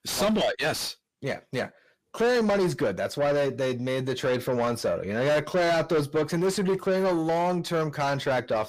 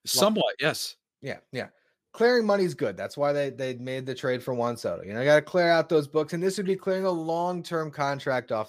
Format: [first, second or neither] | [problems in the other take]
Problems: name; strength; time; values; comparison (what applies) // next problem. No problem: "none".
second | distortion; heavy; 7 dB below the speech